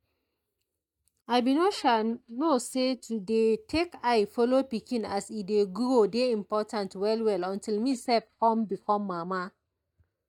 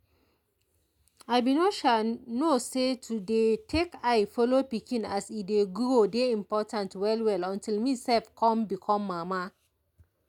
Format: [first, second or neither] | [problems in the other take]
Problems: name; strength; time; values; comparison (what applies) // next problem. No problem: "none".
second | noise reduction (neural mask model DeepFilterNet 3)